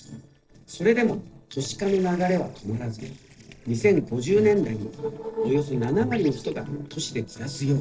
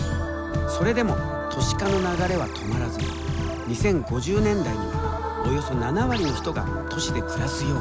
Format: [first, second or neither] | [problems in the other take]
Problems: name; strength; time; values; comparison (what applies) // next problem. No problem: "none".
second | noise reduction (neural separator model SepFormer DNS4)